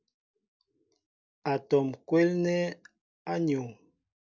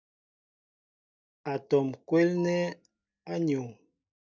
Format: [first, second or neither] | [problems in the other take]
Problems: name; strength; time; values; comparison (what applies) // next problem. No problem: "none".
first | noise reduction (neural mask model DeepFilterNet 3)